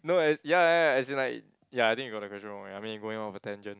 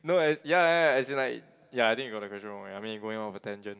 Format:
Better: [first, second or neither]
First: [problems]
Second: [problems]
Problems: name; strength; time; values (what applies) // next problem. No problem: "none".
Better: first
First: none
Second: room echo; dies away in 0.3 s